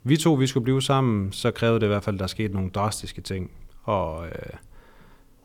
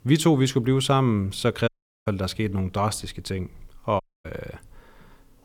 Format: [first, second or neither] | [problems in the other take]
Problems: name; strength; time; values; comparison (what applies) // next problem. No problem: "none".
first | audio cutting out; at 1.5 s and at 4 s